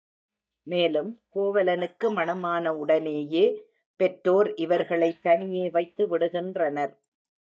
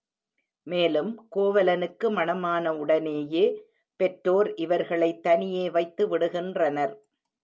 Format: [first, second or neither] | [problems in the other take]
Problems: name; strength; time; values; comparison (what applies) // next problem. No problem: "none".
second | noise reduction (neural mask model DeepFilterNet 3)